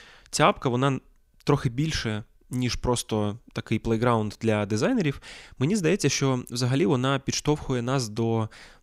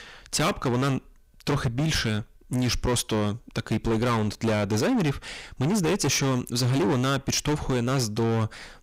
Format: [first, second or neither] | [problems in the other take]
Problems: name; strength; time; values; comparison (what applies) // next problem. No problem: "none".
first | distortion; heavy; 22% of the sound clipped